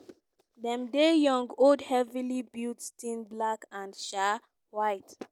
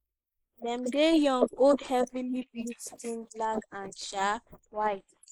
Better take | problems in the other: first | noise reduction (neural mask model Resemble Enhance denoiser)

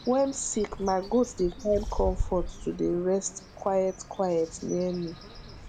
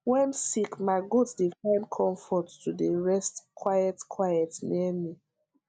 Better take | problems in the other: second | background sound (Bird); 9 dB below the speech

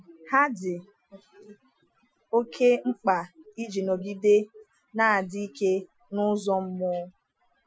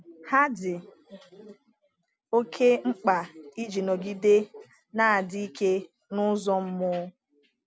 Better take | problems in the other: second | noise reduction (classical method Wiener filter)

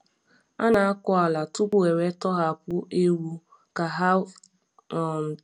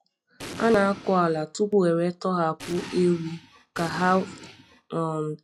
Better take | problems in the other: first | noise reduction (classical method log-MMSE)

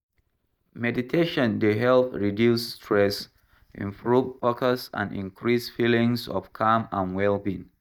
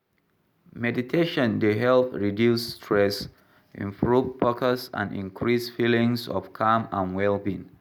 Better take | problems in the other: second | noise reduction (neural mask model DeepFilterNet 3)

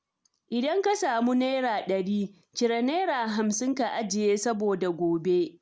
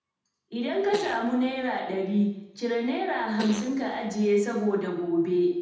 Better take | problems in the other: first | background sound (Fart); 15 dB below the speech // room echo; dies away in 0.9 s

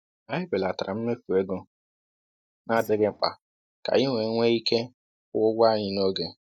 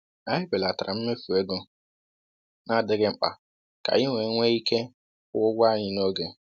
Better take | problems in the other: second | noise reduction (neural mask model DeepFilterNet 3)

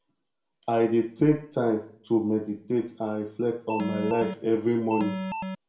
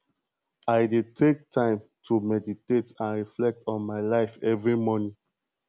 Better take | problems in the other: second | background sound (Alarm); 4 dB below the speech // room echo; dies away in 0.4 s

